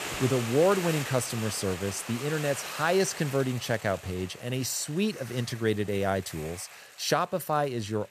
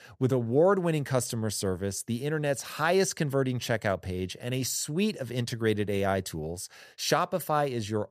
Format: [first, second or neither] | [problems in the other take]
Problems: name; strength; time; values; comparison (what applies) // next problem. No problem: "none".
second | hiss; loud; throughout; 10 dB below the speech